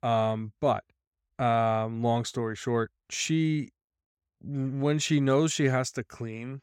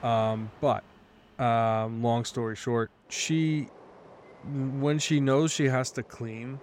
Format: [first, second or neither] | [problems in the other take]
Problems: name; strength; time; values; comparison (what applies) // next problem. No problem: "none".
first | train or aircraft noise; faint; throughout; 25 dB below the speech